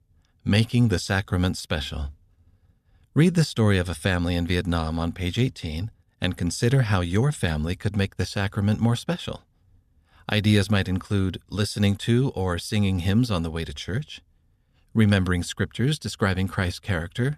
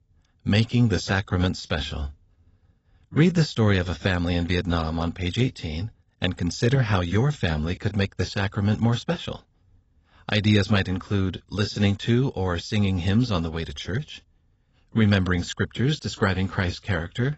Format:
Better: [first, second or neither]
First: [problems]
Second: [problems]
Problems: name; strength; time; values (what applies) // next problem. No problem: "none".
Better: first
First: none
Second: garbled, watery; badly; nothing above 8 kHz